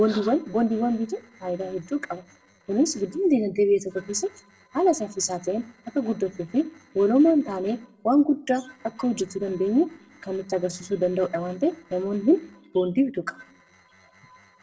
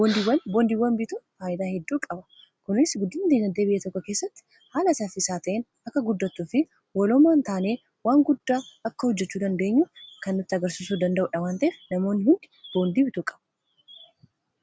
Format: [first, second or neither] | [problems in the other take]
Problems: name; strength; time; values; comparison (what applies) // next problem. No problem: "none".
second | noise reduction (neural separator model SepFormer DNS4)